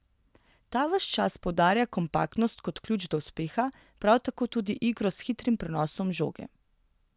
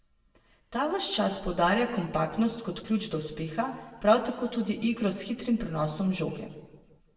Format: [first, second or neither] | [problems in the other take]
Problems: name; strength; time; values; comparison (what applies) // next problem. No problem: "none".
first | room echo; dies away in 1.2 s